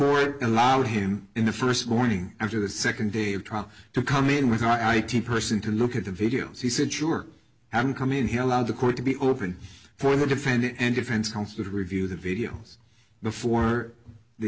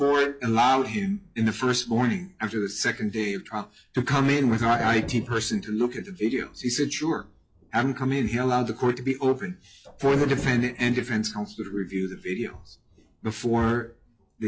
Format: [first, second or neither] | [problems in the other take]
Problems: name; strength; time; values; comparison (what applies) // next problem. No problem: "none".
first | noise reduction (classical method log-MMSE)